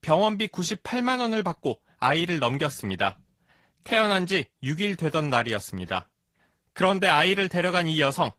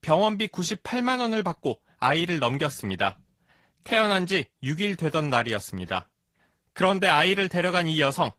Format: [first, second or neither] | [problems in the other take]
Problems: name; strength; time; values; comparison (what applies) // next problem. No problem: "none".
neither | garbled, watery; slightly; nothing above 15.5 kHz; the same in both